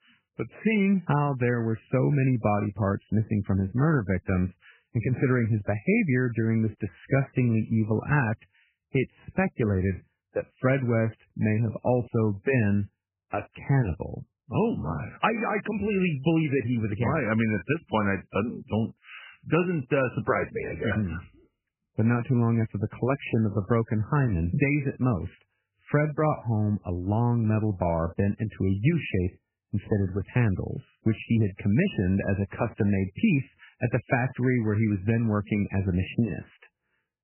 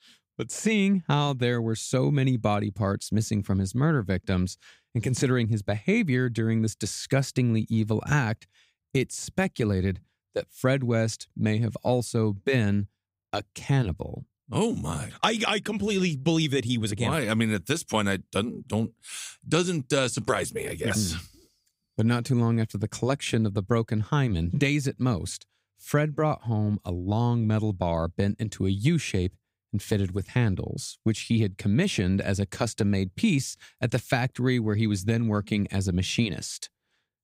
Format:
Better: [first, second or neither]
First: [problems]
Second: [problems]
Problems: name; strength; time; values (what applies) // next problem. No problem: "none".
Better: second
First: garbled, watery; badly; nothing above 3 kHz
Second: none